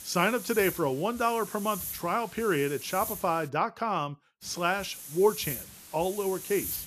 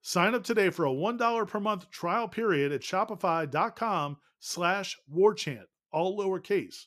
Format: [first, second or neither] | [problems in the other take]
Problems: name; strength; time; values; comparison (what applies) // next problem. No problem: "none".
second | hiss; loud; until 3.5 s and from 4.5 s on; 9 dB below the speech